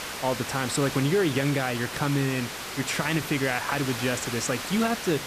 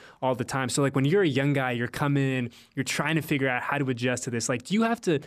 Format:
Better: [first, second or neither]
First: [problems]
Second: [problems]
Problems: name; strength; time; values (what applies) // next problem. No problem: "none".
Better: second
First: hiss; loud; throughout; 6 dB below the speech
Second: none